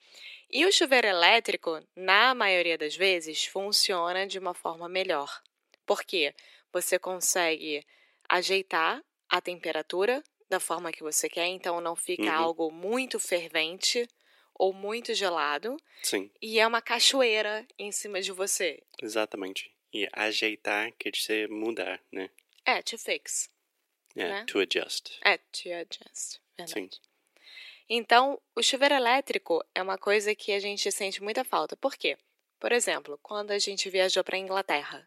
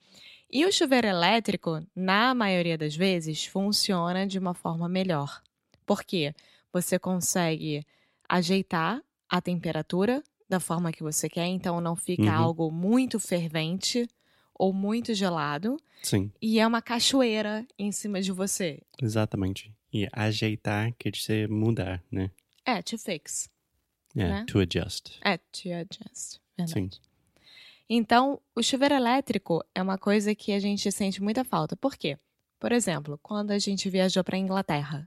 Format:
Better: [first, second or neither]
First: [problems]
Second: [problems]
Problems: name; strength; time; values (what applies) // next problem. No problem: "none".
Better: second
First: thin; very; fading below 400 Hz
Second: none